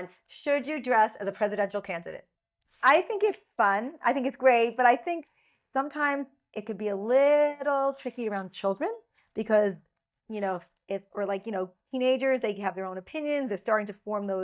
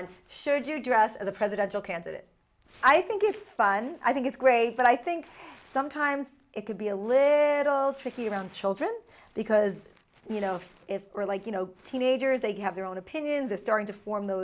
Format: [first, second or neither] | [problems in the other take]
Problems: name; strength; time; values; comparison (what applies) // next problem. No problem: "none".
second | noise reduction (neural mask model DeepFilterNet 3)